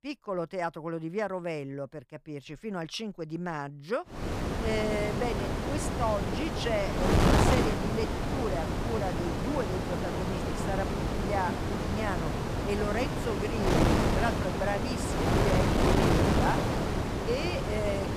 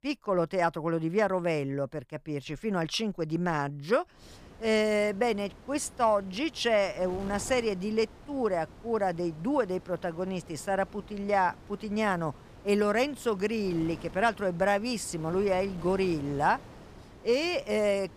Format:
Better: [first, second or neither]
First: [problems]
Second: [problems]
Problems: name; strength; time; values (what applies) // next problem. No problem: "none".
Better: second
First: wind noise on the microphone; heavy; from 4 s on; 2 dB above the speech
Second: wind noise on the microphone; occasional gusts; from 4 s on; 20 dB below the speech